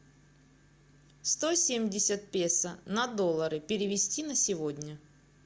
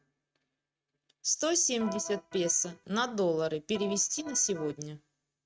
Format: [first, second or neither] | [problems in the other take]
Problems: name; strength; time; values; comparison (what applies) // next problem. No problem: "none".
first | noise reduction (neural mask model RNNoise)